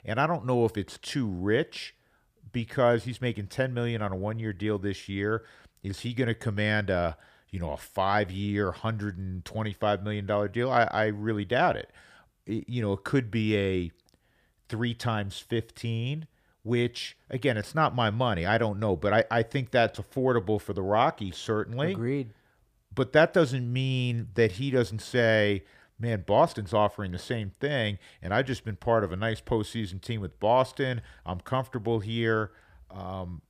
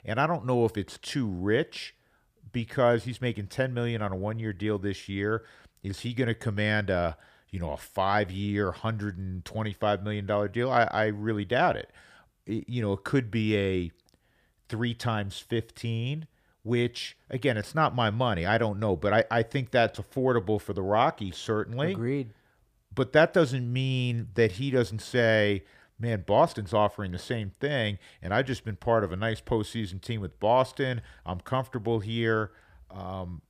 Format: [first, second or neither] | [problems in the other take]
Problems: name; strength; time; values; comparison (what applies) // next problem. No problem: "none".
neither | none